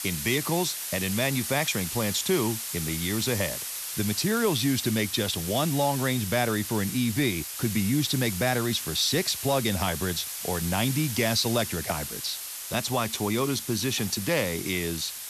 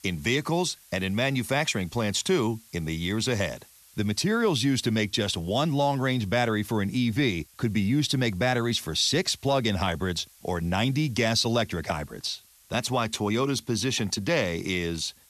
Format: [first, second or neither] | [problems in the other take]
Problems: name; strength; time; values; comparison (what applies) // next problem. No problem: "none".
second | hiss; loud; throughout; 5 dB below the speech; faint in the second